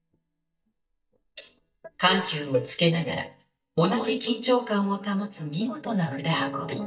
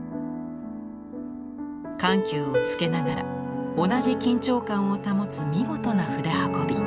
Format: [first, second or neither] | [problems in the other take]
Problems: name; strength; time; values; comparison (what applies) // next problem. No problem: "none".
second | noise reduction (neural mask model DeepFilterNet 3)